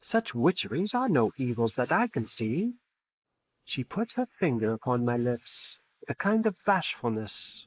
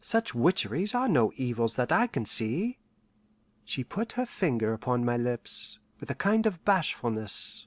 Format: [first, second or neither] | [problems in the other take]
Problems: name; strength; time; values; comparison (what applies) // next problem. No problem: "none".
second | noise reduction (neural mask model Resemble Enhance denoiser)